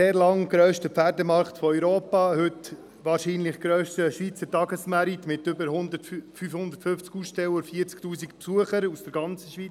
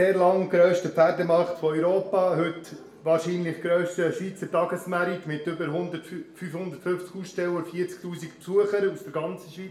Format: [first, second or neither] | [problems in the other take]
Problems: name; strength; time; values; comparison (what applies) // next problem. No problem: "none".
first | room echo; dies away in 0.5 s